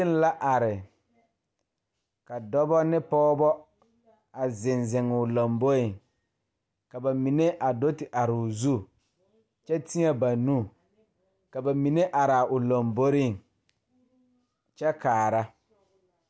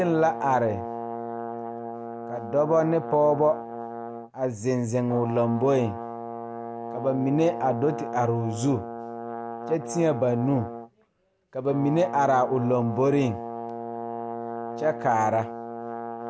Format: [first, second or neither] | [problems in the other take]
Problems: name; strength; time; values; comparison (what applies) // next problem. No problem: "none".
first | background sound (Brass instrument); 9 dB below the speech